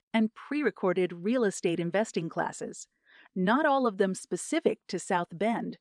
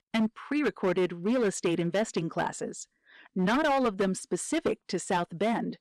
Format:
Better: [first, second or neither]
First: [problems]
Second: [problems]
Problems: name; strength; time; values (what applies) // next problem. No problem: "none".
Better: first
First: none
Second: distortion; slight; 10% of the sound clipped